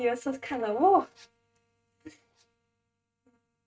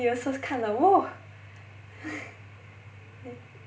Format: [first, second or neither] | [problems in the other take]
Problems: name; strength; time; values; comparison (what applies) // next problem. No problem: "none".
second | noise reduction (neural mask model RNNoise)